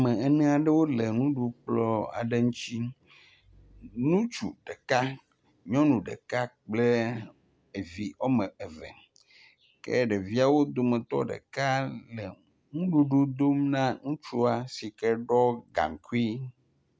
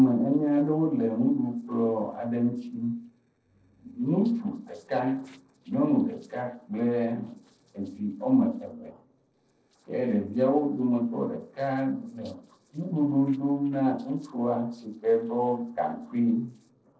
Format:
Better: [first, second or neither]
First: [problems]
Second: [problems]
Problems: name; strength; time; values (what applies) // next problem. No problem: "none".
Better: first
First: none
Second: noise reduction (neural separator model SepFormer DNS4)